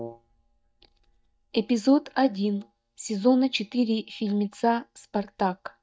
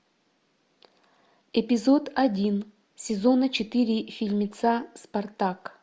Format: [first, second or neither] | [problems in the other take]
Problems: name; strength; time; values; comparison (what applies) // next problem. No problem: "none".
second | noise reduction (neural mask model DeepFilterNet 3)